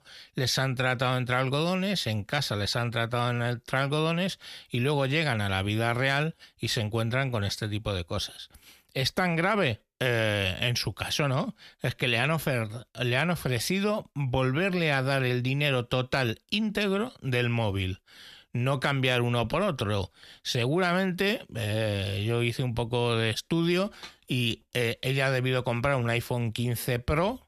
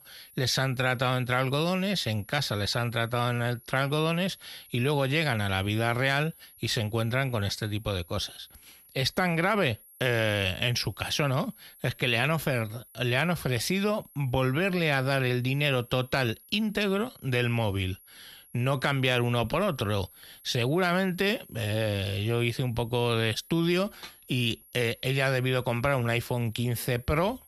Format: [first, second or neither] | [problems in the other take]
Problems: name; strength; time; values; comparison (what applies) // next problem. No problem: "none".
first | high-pitched whine; faint; throughout; 11.5 kHz, 25 dB below the speech